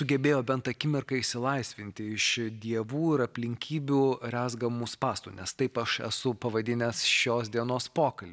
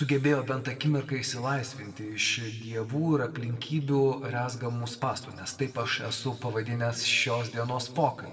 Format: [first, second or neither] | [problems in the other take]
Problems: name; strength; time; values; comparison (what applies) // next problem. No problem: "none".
first | room echo; dies away in 1.2 s